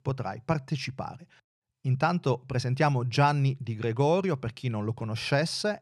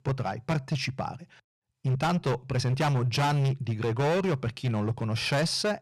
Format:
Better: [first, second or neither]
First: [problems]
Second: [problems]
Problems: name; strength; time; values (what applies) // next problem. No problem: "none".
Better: first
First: none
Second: distortion; heavy; 17% of the sound clipped